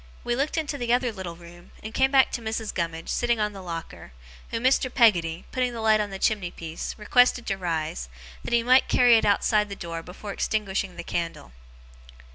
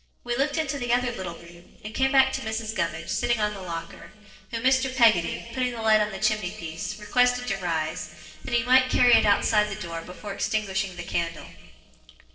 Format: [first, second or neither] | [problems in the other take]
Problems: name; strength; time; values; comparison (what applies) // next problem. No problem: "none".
first | noise reduction (neural separator model SepFormer DNS4)